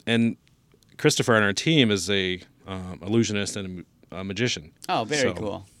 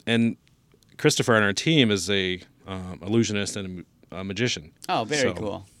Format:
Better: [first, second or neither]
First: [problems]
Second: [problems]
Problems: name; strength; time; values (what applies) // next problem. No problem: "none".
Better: neither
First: none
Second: none